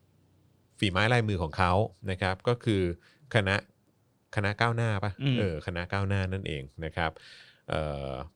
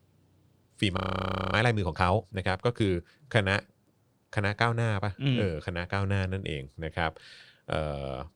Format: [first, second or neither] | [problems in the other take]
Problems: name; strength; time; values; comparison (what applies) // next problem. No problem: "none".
first | audio freezing; at 1 s for 0.5 s